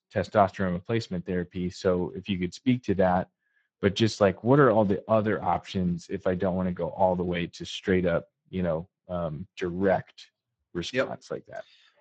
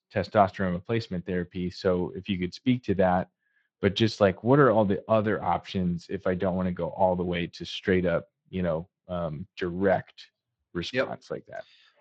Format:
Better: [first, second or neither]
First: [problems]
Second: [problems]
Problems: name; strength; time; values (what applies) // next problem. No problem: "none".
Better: second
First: garbled, watery; badly; nothing above 7.5 kHz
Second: garbled, watery; slightly